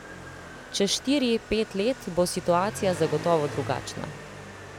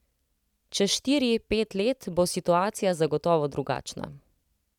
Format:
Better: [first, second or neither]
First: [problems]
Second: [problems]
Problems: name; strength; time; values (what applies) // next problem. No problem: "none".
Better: second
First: background sound (Motorcycle); 12 dB below the speech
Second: none